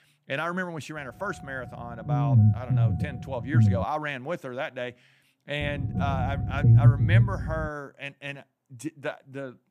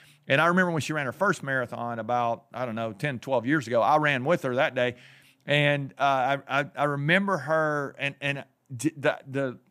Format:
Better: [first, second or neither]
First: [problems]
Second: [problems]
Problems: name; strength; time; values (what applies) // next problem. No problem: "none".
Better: second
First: low rumble; loud; from 1 to 4 s and from 5.5 to 7.5 s; 3 dB below the speech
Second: none